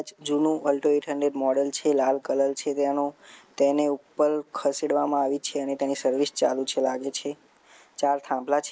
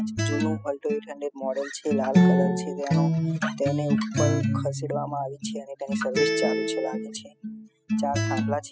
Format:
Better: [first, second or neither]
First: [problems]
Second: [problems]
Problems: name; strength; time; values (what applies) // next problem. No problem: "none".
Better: first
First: none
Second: noise reduction (classical method spectral subtraction)